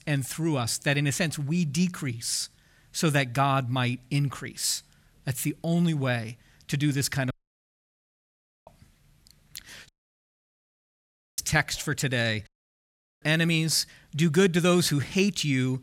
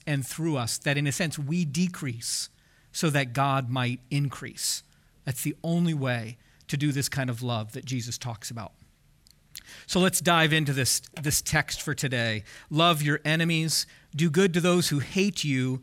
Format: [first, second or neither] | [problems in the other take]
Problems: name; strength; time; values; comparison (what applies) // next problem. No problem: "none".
second | audio cutting out; at 7.5 s for 1.5 s, at 10 s for 1.5 s and at 12 s for 1 s